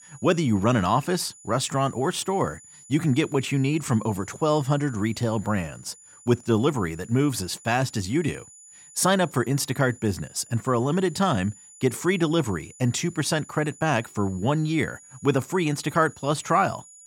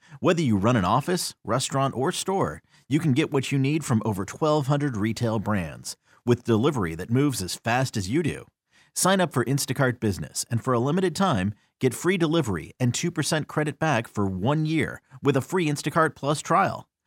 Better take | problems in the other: second | high-pitched whine; faint; throughout; 7 kHz, 20 dB below the speech

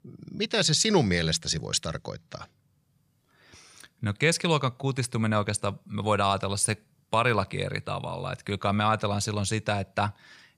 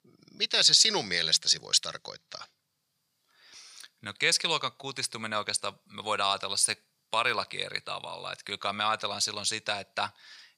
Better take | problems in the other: first | thin; somewhat; fading below 1 kHz

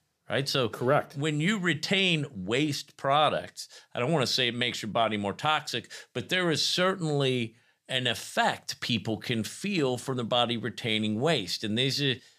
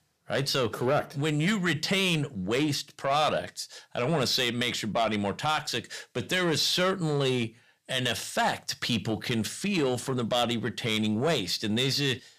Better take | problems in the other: first | distortion; slight; 10 dB below the speech

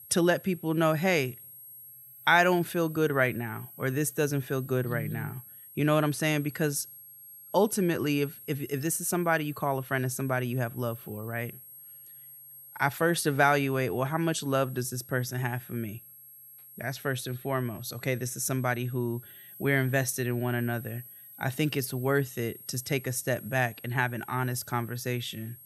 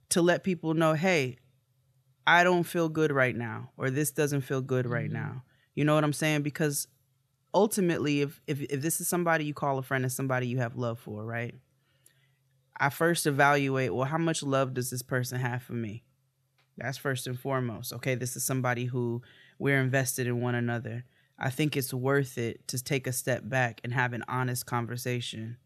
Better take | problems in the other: second | high-pitched whine; noticeable; throughout; 11.5 kHz, 15 dB below the speech

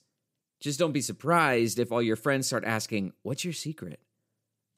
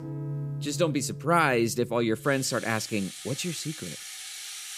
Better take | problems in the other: first | background music; noticeable; throughout; 10 dB below the speech

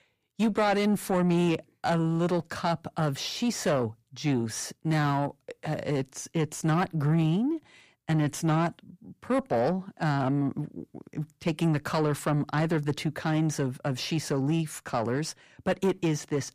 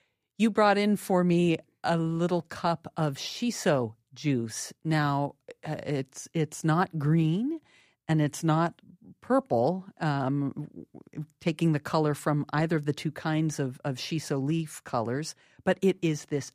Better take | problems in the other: second | distortion; slight; 10 dB below the speech

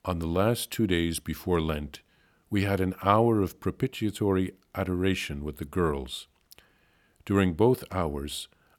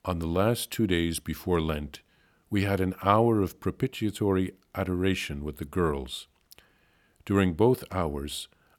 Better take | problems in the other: neither | none

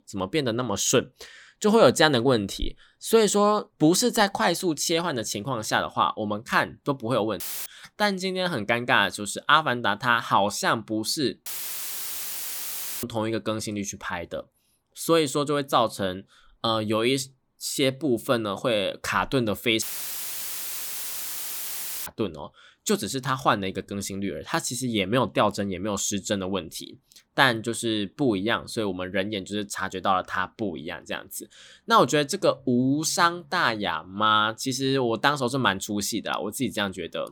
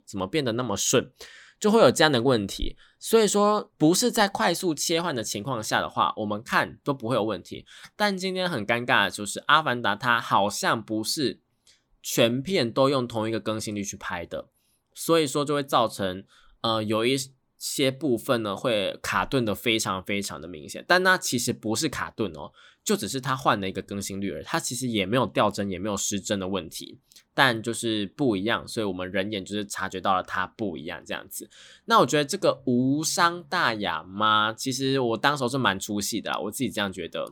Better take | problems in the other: second | audio cutting out; filled with static; at 7.5 s, at 11 s for 1.5 s and at 20 s for 2 s

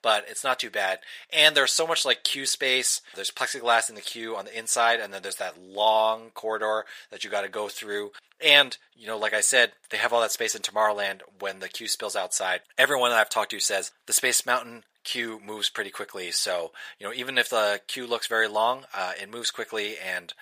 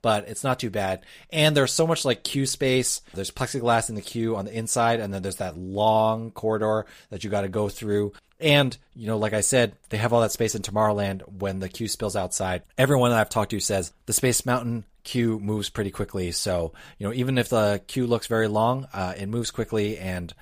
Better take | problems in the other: second | thin; very; fading below 600 Hz

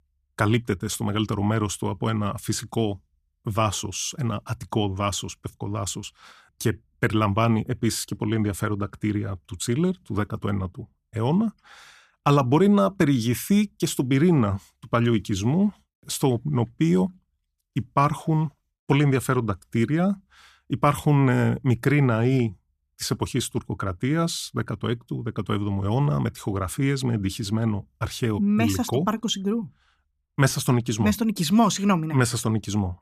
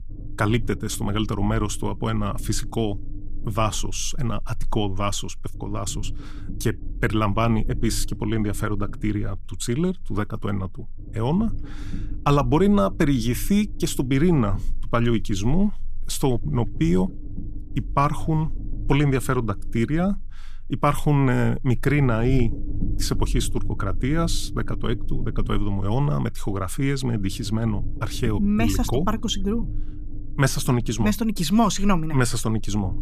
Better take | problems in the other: first | low rumble; noticeable; throughout; 20 dB below the speech

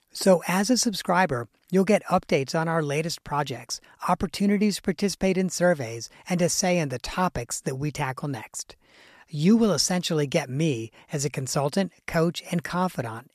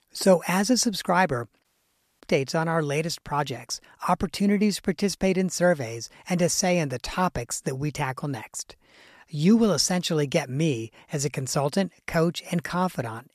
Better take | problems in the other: first | audio cutting out; at 1.5 s for 0.5 s

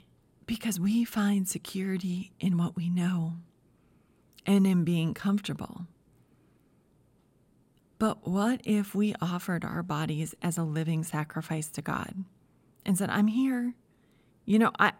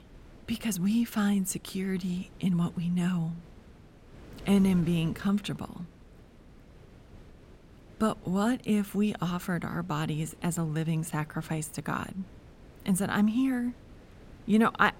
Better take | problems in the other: first | wind noise on the microphone; occasional gusts; 25 dB below the speech

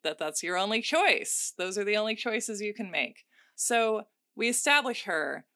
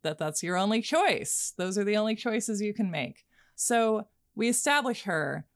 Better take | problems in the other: second | thin; very slightly; fading below 250 Hz

